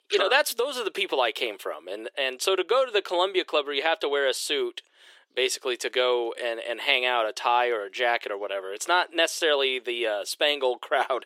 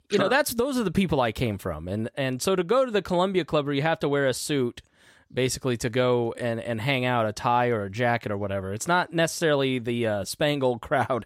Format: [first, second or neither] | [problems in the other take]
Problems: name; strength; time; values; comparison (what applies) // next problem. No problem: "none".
second | thin; very; fading below 350 Hz